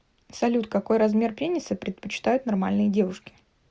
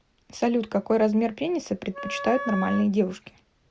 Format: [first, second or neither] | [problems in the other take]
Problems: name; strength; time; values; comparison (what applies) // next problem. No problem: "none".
first | background sound (Wind instrument, woodwind instrument); 9 dB below the speech